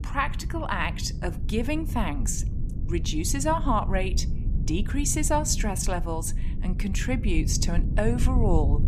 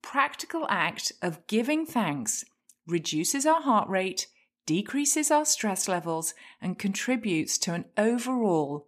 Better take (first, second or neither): second